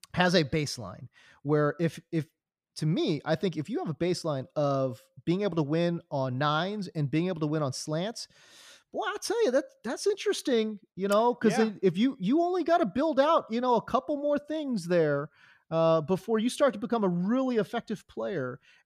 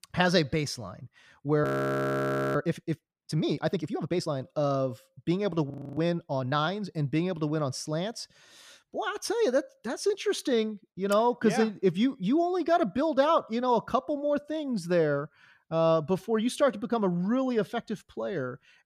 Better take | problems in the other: first | audio freezing; at 1.5 s for 1 s and at 5.5 s

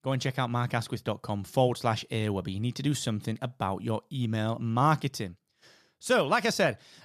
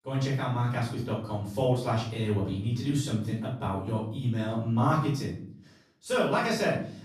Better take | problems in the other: first | off-mic speech; far // room echo; noticeable; dies away in 0.6 s

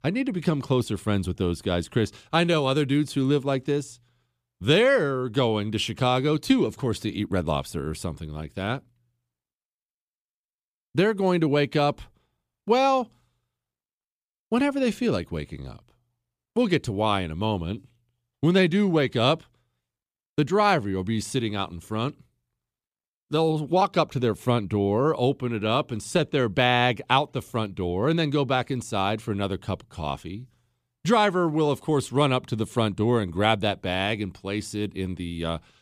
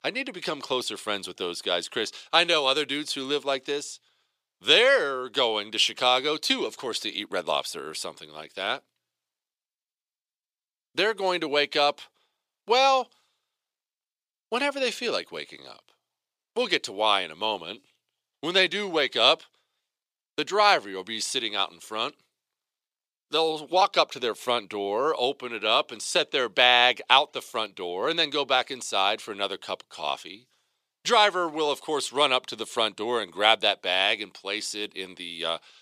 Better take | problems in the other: first | thin; very; fading below 550 Hz

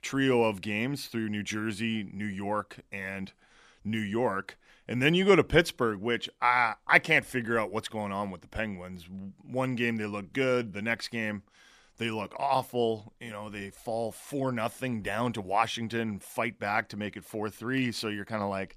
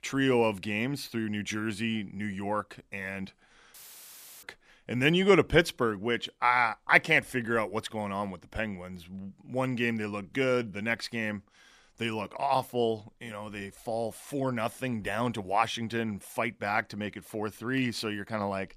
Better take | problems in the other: first | audio cutting out; filled with static; at 3.5 s for 0.5 s

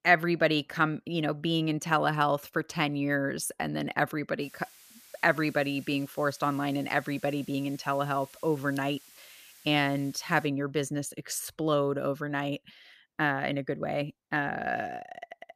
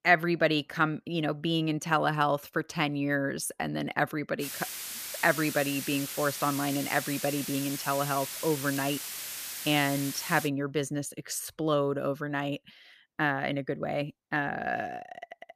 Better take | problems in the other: first | hiss; loud; from 4.5 to 10 s; 6 dB below the speech; faint in the first

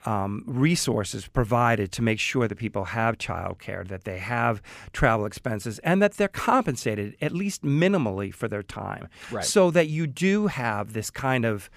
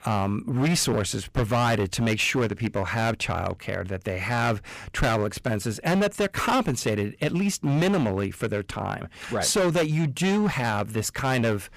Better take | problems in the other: first | distortion; heavy; 14% of the sound clipped

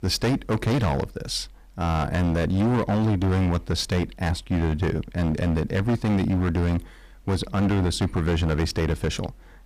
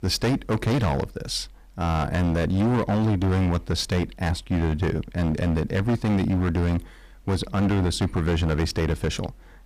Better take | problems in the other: neither | distortion; heavy; 19% of the sound clipped; the same in both

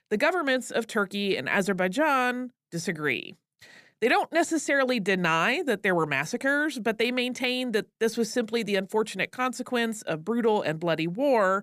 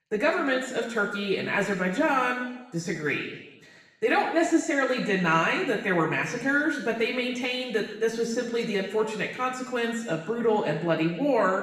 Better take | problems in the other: first | room echo; noticeable; dies away in 1 s // off-mic speech; far

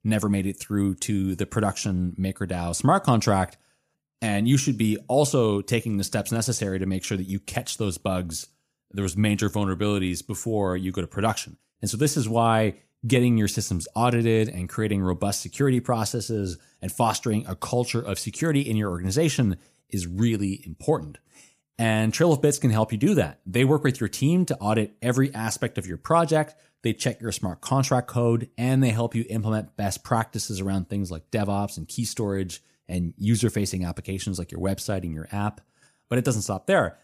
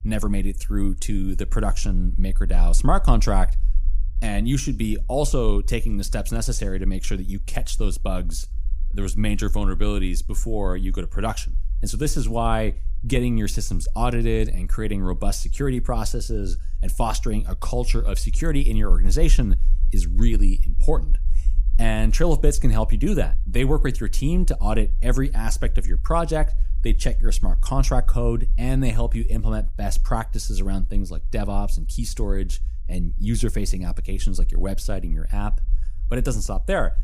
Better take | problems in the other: first | low rumble; faint; throughout; 25 dB below the speech

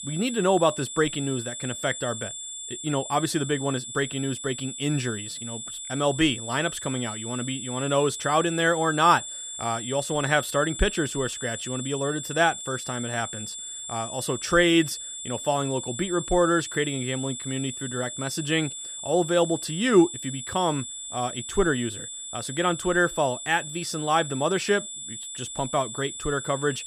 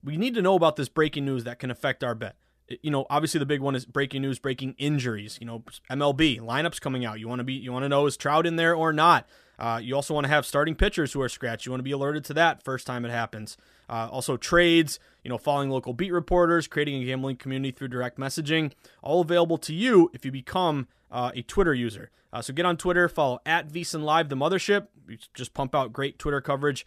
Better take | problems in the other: second | high-pitched whine; loud; throughout; 7.5 kHz, 8 dB below the speech

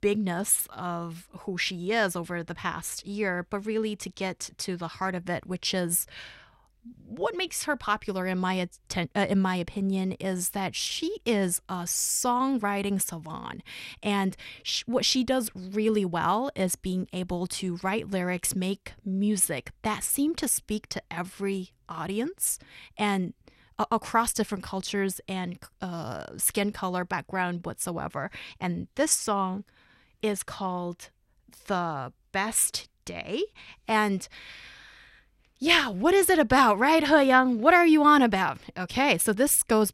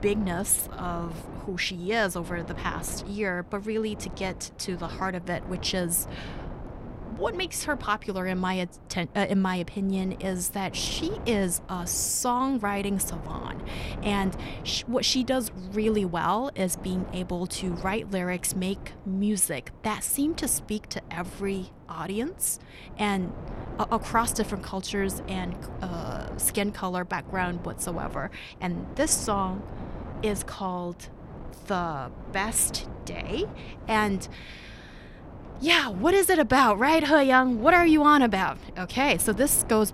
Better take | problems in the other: first | wind noise on the microphone; occasional gusts; 20 dB below the speech

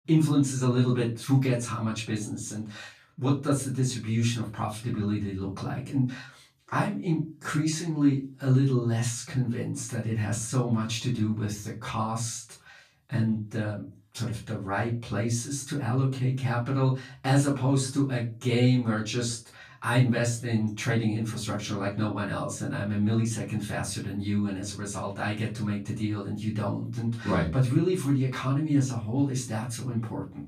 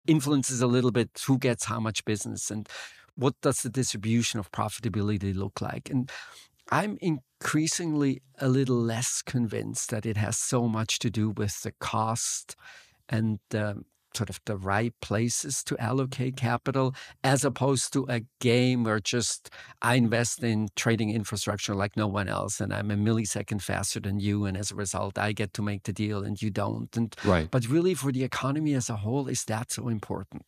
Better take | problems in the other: second | off-mic speech; far // room echo; slight; dies away in 0.3 s

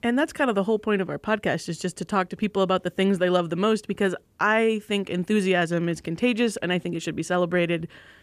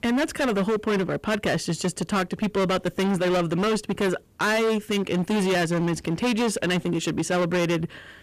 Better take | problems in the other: first | distortion; heavy; 24% of the sound clipped

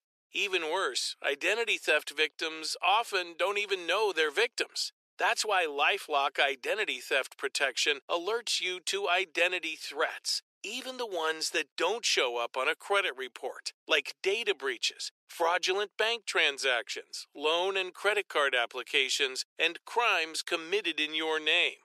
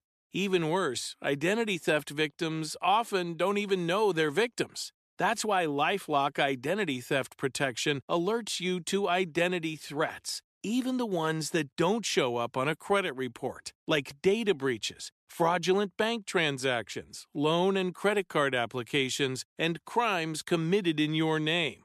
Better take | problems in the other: second | thin; very; fading below 450 Hz

